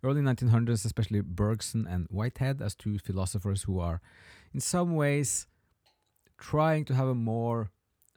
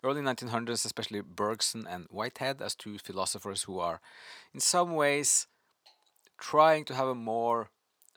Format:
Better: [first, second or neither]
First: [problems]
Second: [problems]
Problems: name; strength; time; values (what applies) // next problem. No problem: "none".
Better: first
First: none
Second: thin; very; fading below 400 Hz